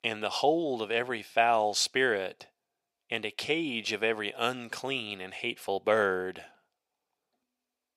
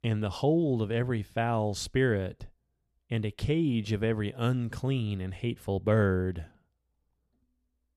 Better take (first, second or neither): second